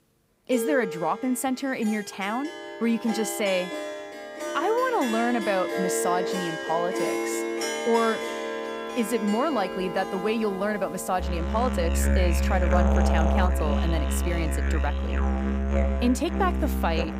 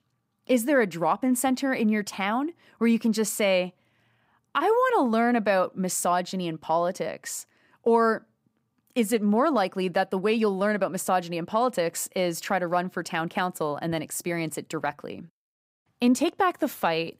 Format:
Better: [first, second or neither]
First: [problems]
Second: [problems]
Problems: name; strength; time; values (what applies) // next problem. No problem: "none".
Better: second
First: background music; loud; throughout; 1 dB below the speech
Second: none